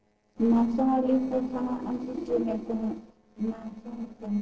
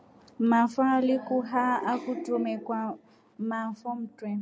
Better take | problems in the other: second | noise reduction (neural separator model SepFormer DNS4)

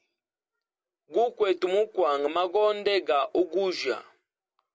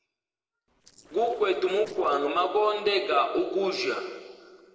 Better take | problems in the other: first | noise reduction (neural separator model SepFormer DNS4)

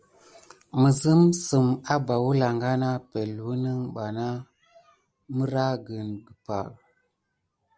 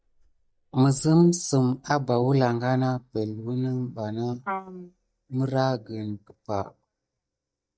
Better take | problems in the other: first | noise reduction (neural mask model DeepFilterNet 3)

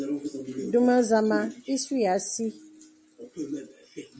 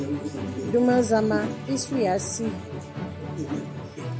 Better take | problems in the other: first | background sound (Musical instrument); 7 dB below the speech

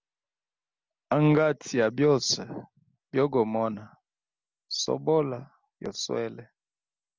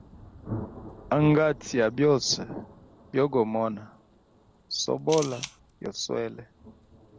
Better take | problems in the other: first | background sound (Thunder + Camera); 15 dB below the speech

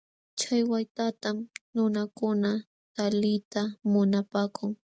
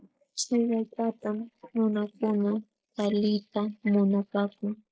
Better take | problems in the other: first | noise reduction (neural mask model Resemble Enhance denoiser)

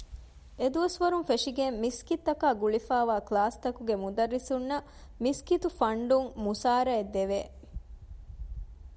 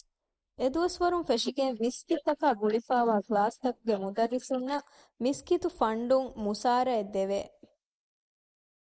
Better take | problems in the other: first | noise reduction (neural mask model Resemble Enhance denoiser)

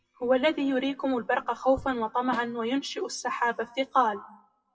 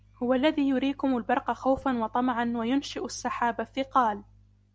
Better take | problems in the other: second | noise reduction (classical method WPE with log-MMSE)

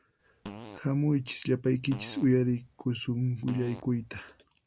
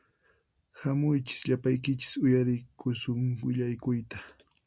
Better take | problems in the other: second | background sound (Fart); 18 dB below the speech

